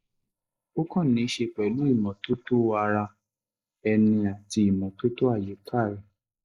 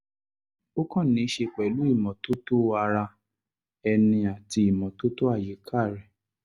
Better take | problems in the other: second | noise reduction (neural mask model Resemble Enhance denoiser)

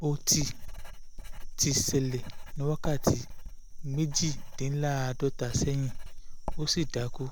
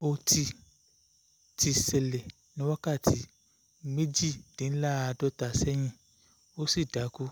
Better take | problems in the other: second | background sound (Writing); 4 dB below the speech

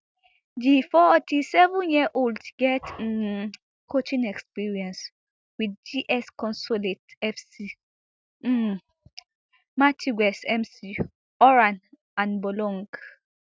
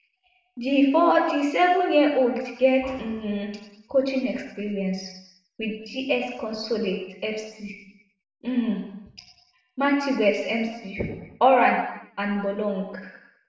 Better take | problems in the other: first | room echo; dies away in 0.8 s

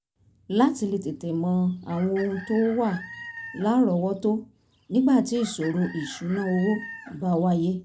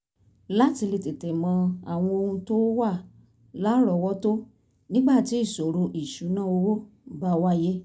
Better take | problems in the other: second | background sound (Chicken, rooster); 18 dB below the speech

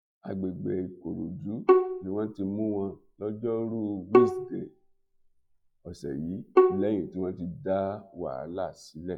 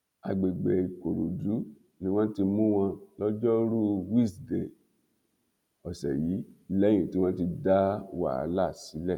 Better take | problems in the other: second | noise reduction (classical method log-MMSE)

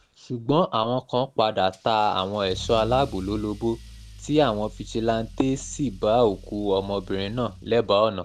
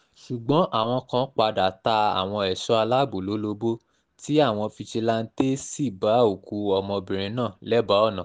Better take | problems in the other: second | background sound (Engine starting / Accelerating, revving, vroom / Car); 17 dB below the speech

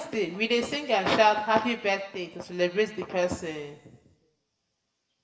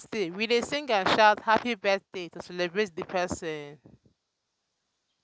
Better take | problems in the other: second | room echo; dies away in 0.9 s

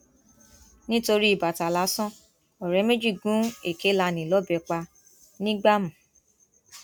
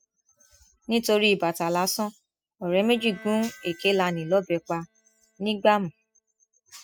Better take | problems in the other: first | noise reduction (classical method spectral subtraction)

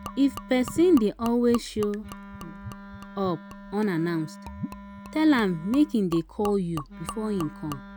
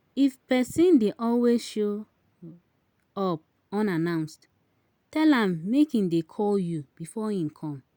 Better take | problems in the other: second | background sound (Wind instrument, woodwind instrument + Gurgling / Liquid); 14 dB below the speech

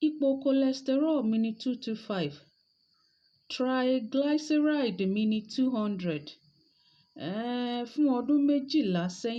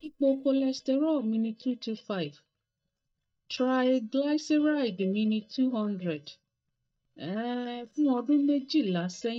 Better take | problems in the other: first | noise reduction (neural mask model DeepFilterNet 3)

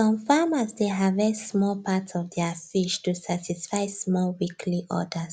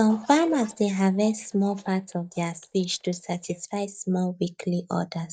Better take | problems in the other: first | noise reduction (neural mask model DeepFilterNet 3)

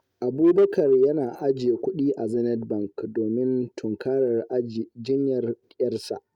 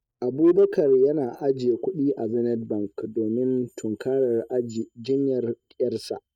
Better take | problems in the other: first | noise reduction (neural mask model DeepFilterNet 3)

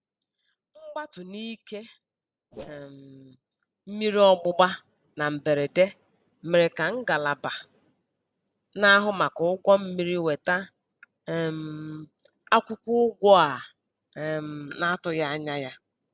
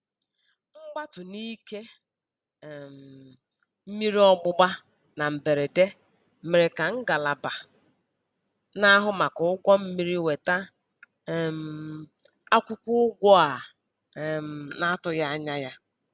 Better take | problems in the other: second | noise reduction (neural separator model SepFormer DNS4)

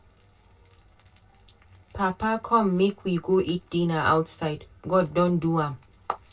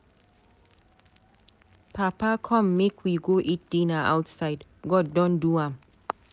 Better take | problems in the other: second | room echo; dies away in 0.2 s

